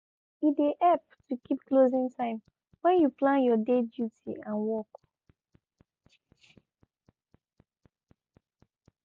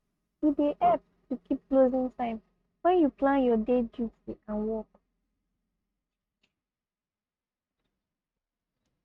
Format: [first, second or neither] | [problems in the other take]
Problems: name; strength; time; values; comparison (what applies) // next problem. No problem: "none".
first | noise reduction (neural mask model RNNoise)